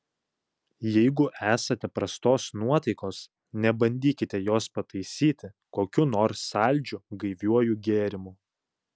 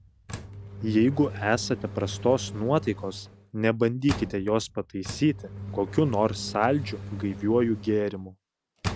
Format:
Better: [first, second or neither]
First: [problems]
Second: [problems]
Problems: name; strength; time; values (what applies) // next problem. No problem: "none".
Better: first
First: none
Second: background sound (Engine); 11 dB below the speech